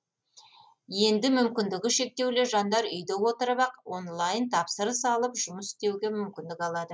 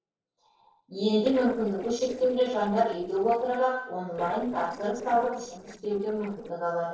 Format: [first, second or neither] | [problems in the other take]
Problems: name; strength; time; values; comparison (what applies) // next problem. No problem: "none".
first | noise reduction (neural separator model SepFormer DNS4)